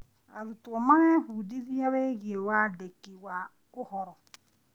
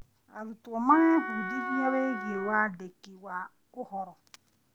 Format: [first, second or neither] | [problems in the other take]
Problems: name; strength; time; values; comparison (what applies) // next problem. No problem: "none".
first | background sound (Wind instrument, woodwind instrument); 6 dB below the speech